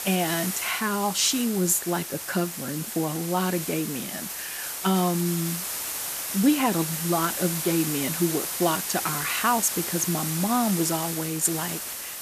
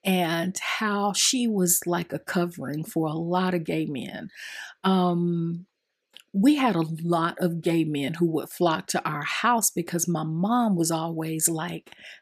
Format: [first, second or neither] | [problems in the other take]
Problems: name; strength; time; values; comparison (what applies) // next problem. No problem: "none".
second | hiss; loud; throughout; 4 dB below the speech